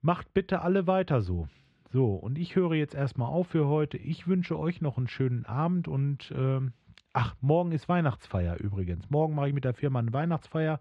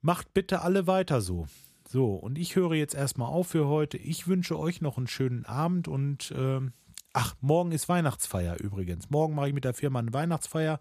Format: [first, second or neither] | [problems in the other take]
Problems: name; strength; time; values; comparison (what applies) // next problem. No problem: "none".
second | muffled; slightly; fading above 3 kHz